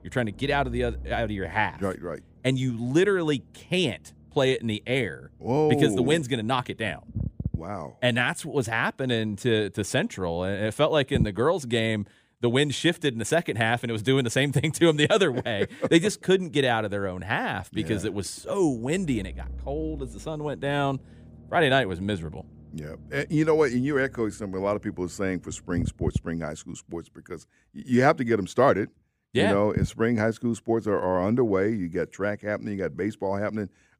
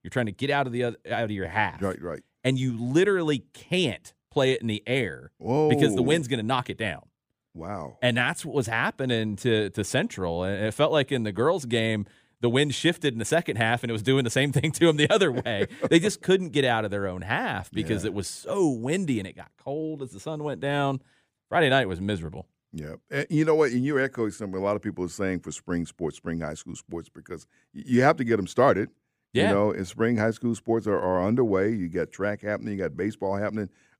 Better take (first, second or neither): second